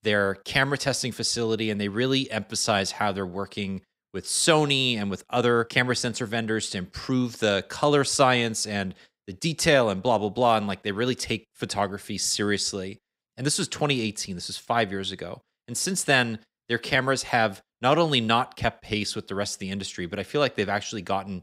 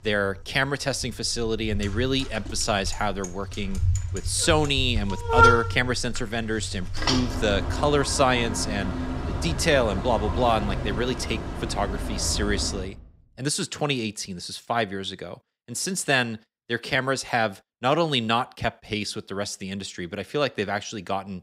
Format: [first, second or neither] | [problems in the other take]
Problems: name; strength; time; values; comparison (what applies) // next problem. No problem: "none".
first | traffic noise; loud; until 13 s; 2 dB below the speech